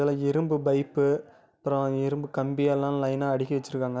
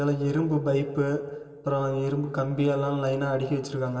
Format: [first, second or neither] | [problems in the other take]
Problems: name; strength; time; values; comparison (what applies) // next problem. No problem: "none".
first | room echo; dies away in 2.2 s